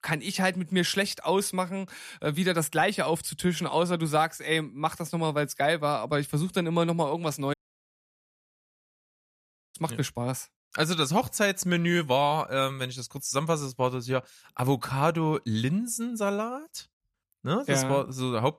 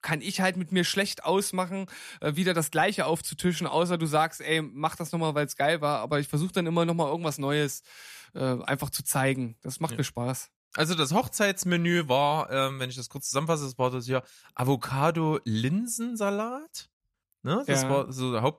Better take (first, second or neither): second